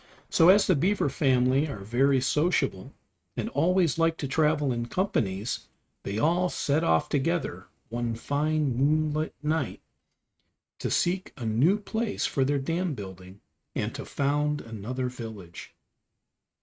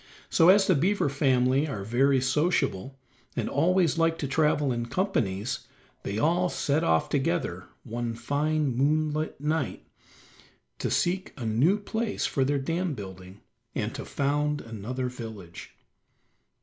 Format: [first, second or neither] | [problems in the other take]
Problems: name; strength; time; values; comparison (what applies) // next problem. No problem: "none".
second | noise reduction (neural mask model RNNoise)